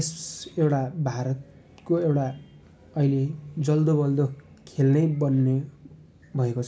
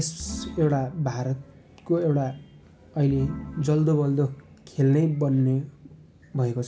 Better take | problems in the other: first | background sound (Organ); 14 dB below the speech

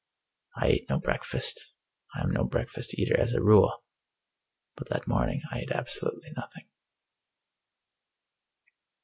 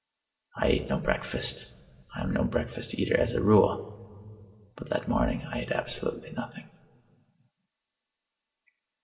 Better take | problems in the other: first | room echo; dies away in 2.6 s

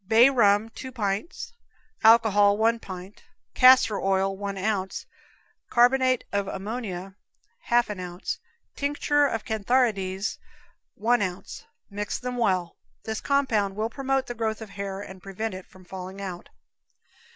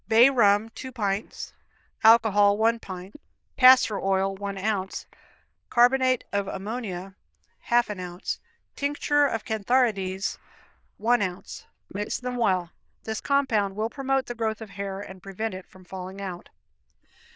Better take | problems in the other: first | noise reduction (neural diffusion model UNIVERSE++)

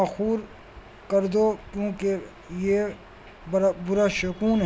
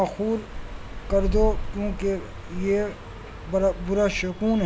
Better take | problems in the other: first | background sound (Car passing by); 5 dB below the speech

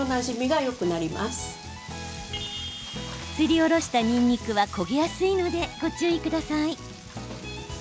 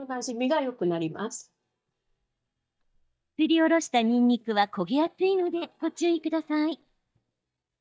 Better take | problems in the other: first | noise reduction (neural mask model DeepFilterNet 3)

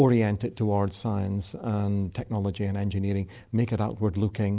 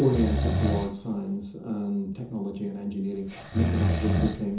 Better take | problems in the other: first | background sound (Breathing); 1 dB below the speech // room echo; dies away in 0.6 s

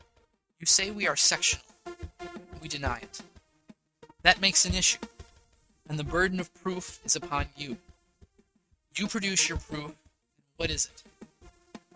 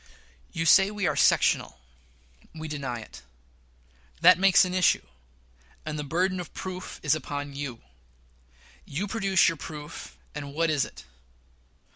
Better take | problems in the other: second | noise reduction (neural mask model RNNoise)

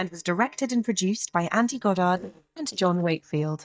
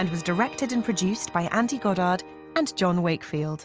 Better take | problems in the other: second | noise reduction (neural mask model DeepFilterNet 3)

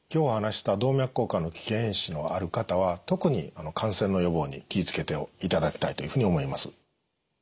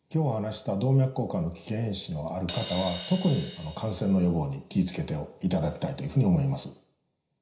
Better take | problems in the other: first | background sound (Crash cymbal); 14 dB below the speech // room echo; dies away in 0.5 s

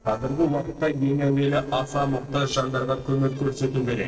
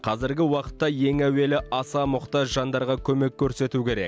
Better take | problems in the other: second | noise reduction (neural separator model SepFormer DNS4)

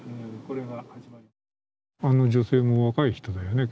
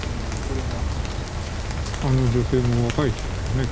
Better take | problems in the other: first | background sound (Rain); 1 dB below the speech

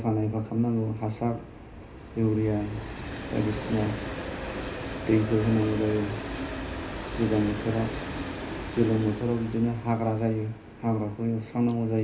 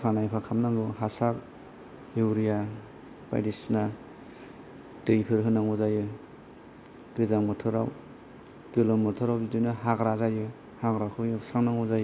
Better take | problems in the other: second | background sound (Train); 9 dB below the speech // room echo; dies away in 0.3 s

